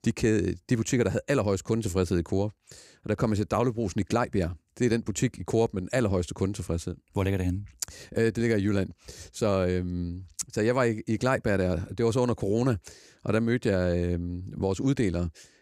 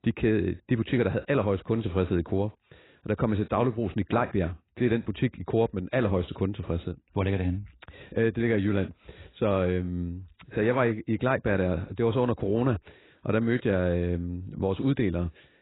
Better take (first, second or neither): first